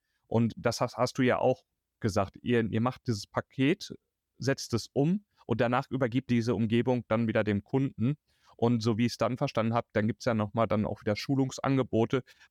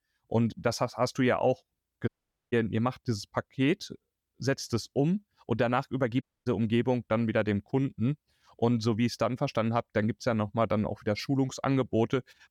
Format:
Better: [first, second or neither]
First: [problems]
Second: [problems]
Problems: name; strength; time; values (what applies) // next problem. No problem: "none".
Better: first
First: none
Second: audio cutting out; at 2 s and at 6 s